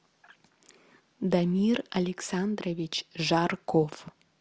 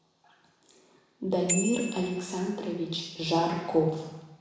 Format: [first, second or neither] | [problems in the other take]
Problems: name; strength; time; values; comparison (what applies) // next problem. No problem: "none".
first | background sound (Bicycle bell); 8 dB below the speech // room echo; dies away in 1 s